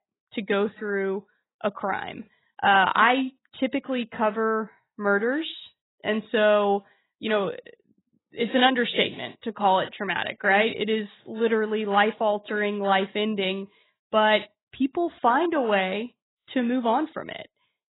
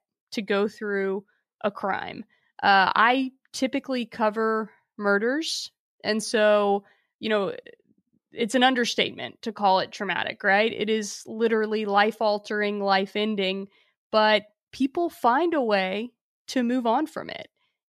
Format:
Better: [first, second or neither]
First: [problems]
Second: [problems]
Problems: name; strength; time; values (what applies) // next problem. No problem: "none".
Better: second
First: garbled, watery; badly; nothing above 4 kHz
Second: none